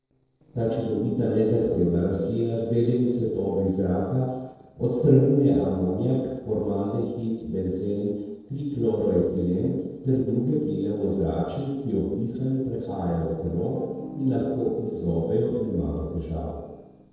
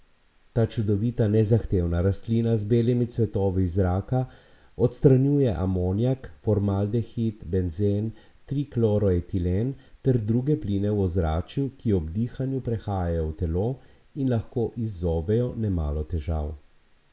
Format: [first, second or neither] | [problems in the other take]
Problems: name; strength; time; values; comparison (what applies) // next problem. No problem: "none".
second | noise reduction (neural separator model SepFormer DNS4)